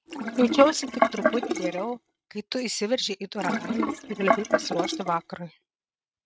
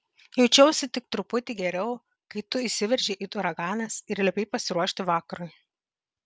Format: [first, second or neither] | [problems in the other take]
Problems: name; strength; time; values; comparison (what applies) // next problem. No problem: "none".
second | noise reduction (neural mask model RNNoise)